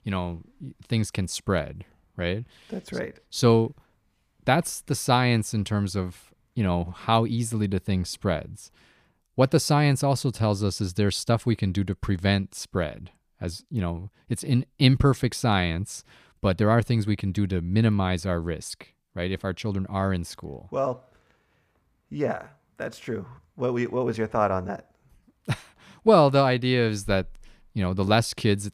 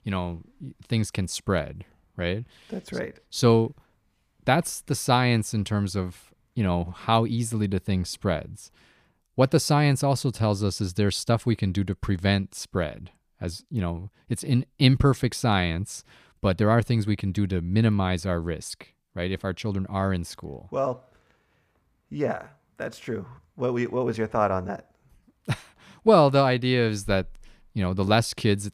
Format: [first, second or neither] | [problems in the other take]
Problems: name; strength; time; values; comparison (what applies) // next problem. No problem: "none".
neither | none